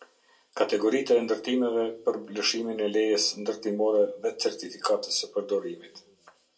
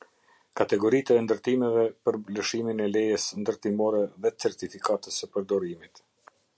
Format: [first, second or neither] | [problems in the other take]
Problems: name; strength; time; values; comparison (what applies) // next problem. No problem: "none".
second | room echo; dies away in 0.2 s